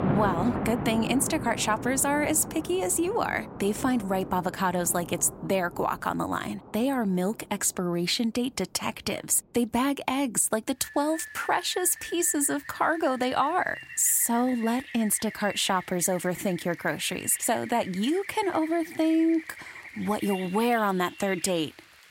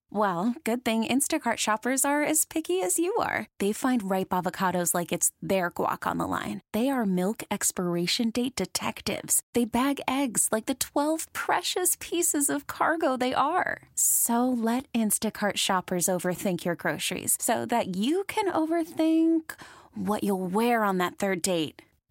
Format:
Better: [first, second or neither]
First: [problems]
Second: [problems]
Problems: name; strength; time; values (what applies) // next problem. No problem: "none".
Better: second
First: rain or running water; noticeable; throughout; 10 dB below the speech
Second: none